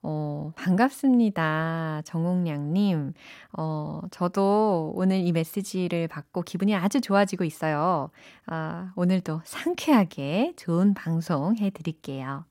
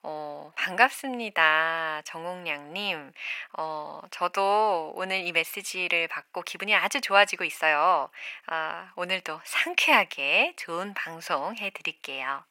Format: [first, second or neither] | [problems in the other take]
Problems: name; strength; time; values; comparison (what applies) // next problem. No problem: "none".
first | thin; very; fading below 750 Hz